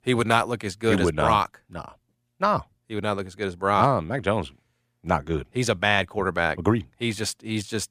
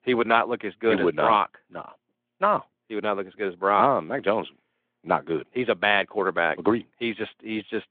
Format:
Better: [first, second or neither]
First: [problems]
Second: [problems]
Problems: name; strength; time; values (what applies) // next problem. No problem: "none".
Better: first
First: none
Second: phone-call audio; nothing above 3.5 kHz